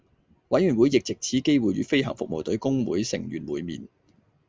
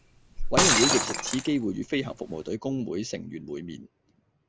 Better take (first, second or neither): first